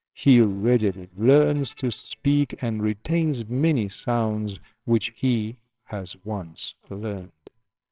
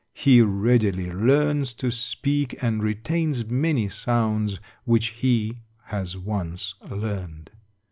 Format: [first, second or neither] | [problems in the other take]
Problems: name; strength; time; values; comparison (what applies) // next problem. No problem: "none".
second | noise reduction (neural separator model SepFormer WHAMR!)